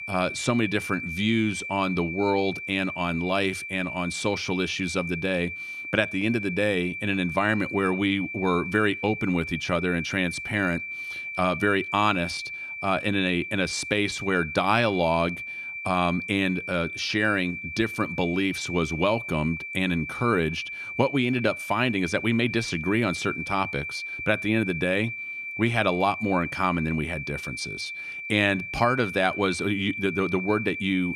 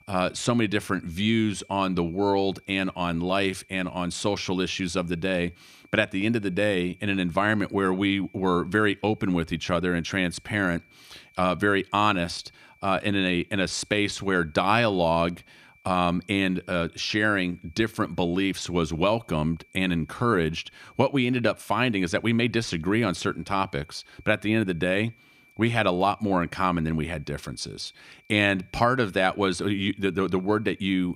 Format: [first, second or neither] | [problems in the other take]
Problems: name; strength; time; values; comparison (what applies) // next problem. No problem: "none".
second | high-pitched whine; loud; throughout; 2.5 kHz, 7 dB below the speech; faint in the second